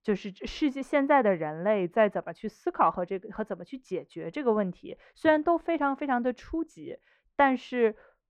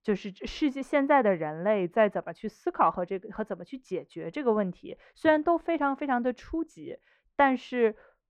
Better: neither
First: muffled; very; fading above 4 kHz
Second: muffled; very; fading above 4 kHz

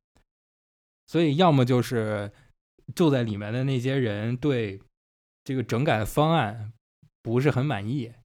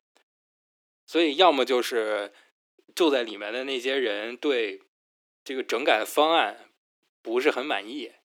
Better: first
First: none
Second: thin; very; fading below 300 Hz

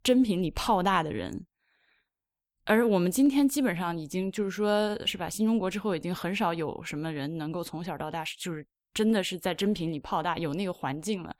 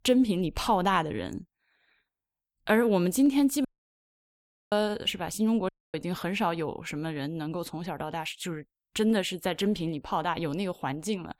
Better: first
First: none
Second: audio cutting out; at 3.5 s for 1 s and at 5.5 s

